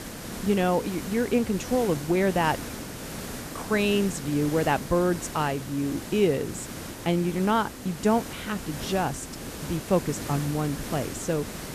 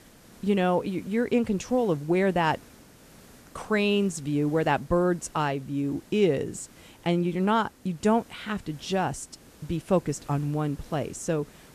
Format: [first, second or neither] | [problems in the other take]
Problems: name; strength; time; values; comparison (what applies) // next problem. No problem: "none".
second | hiss; loud; throughout; 10 dB below the speech; faint in the second